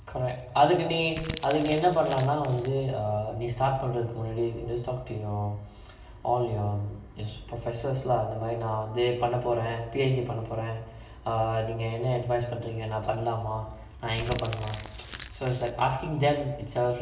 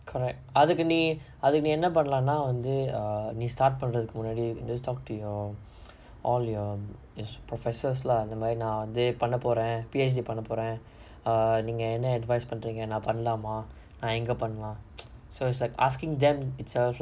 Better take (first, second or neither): second